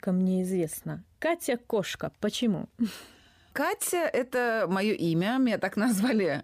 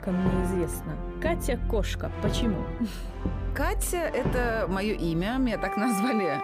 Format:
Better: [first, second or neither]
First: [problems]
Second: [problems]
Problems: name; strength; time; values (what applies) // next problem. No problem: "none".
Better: first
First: none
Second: background music; loud; throughout; 4 dB below the speech